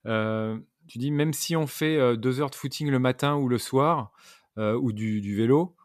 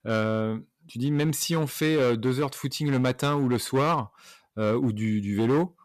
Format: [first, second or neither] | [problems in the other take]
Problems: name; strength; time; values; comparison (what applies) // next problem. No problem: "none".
first | distortion; slight; 9% of the sound clipped